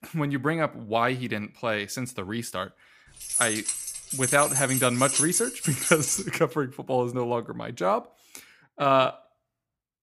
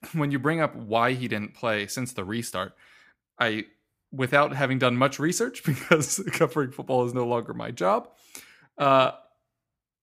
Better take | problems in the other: second | jangling keys; loud; from 3 to 6 s; peak 4 dB above the speech

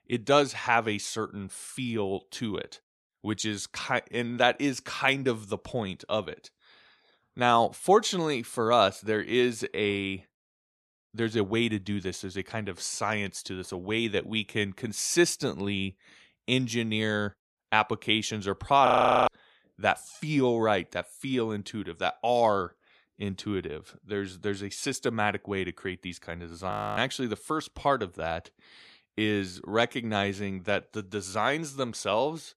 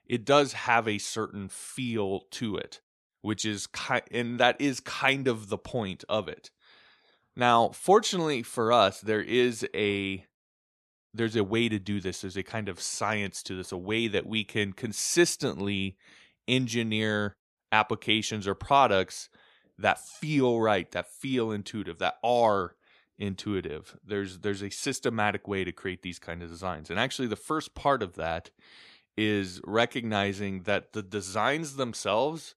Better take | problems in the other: second | audio freezing; at 19 s and at 27 s

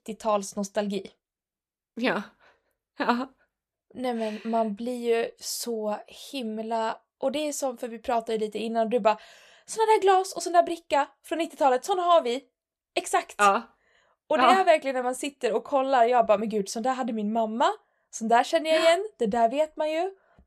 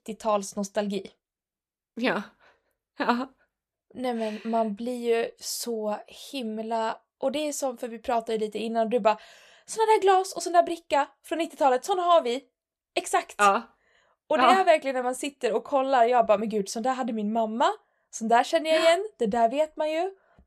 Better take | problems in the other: neither | none

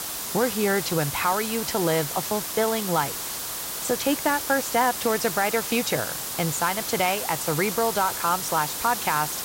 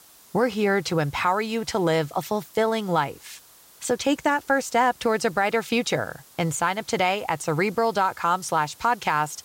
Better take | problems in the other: second | hiss; loud; throughout; 3 dB below the speech; faint in the second

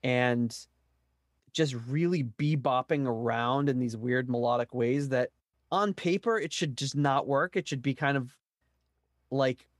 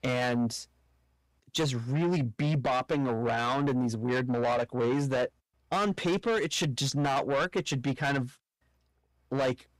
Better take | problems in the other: first | distortion; heavy; 7 dB below the speech

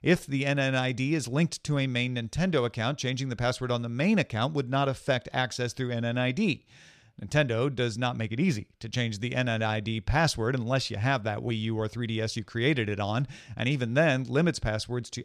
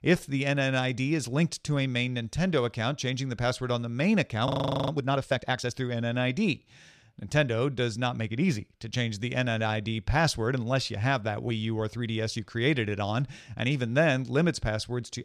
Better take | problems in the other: first | audio freezing; at 4.5 s

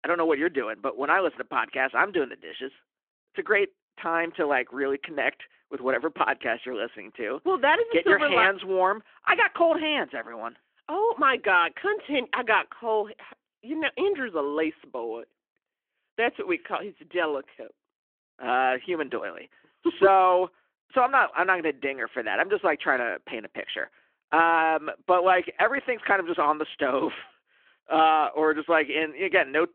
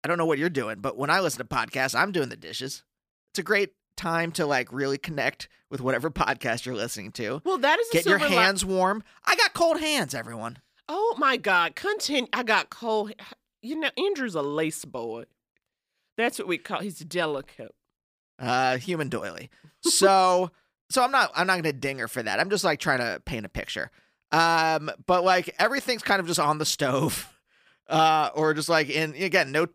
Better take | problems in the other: second | phone-call audio

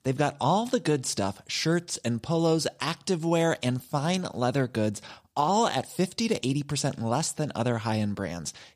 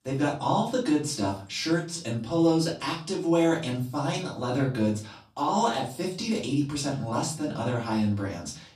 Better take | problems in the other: first | off-mic speech; far // room echo; slight; dies away in 0.3 s

